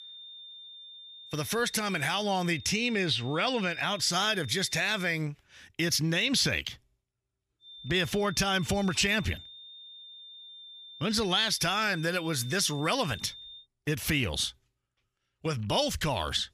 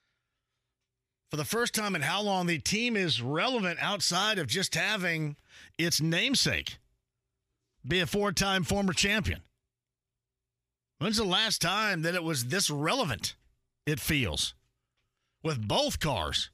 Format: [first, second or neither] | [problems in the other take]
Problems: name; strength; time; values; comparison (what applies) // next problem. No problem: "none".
second | high-pitched whine; noticeable; until 5 s and from 7.5 to 14 s; 3.5 kHz, 15 dB below the speech